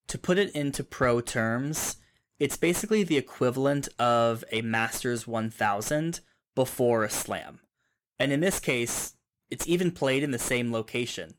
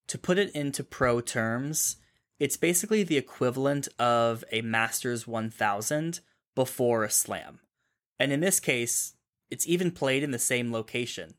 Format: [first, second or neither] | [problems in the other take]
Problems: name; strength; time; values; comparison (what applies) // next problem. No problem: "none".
second | distortion; slight; 9 dB below the speech